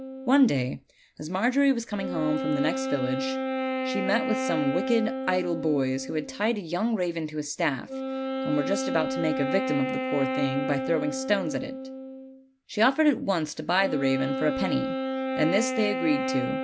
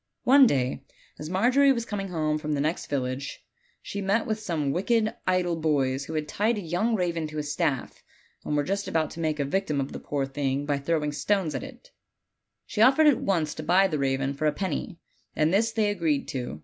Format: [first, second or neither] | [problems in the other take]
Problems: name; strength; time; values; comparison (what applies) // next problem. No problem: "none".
second | background sound (Wind instrument, woodwind instrument); 4 dB below the speech